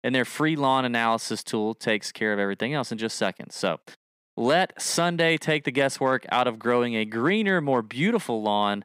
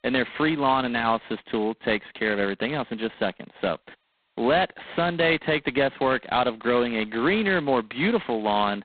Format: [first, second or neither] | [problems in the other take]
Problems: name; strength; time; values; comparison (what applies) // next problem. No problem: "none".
first | phone-call audio; poor line; nothing above 4 kHz